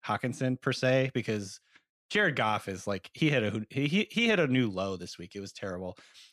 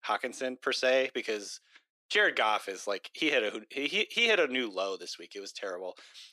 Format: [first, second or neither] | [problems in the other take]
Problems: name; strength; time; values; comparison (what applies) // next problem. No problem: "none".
first | thin; somewhat; fading below 350 Hz